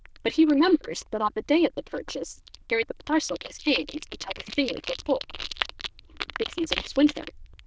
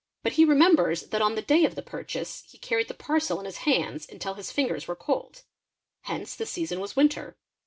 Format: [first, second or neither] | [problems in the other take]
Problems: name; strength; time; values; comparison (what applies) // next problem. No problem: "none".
second | noise reduction (neural diffusion model UNIVERSE++)